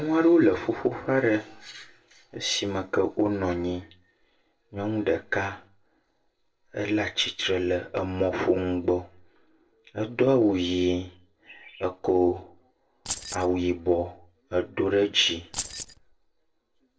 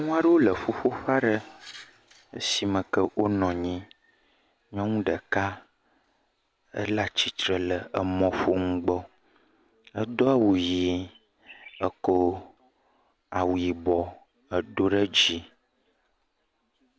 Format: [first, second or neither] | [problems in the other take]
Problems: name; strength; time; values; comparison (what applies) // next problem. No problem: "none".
second | noise reduction (neural separator model SepFormer DNS4)